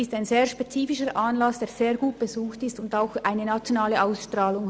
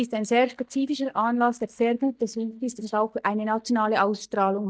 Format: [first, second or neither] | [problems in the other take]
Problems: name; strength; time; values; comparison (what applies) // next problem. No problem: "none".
first | noise reduction (neural mask model DeepFilterNet 3)